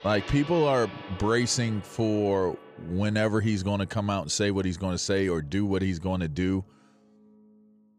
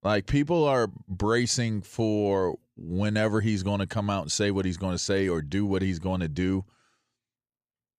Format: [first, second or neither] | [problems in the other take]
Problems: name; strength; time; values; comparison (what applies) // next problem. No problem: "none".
second | background music; noticeable; throughout; 15 dB below the speech